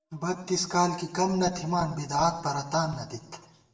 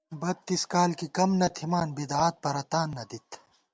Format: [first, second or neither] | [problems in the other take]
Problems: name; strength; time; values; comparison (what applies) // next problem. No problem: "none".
second | room echo; dies away in 0.8 s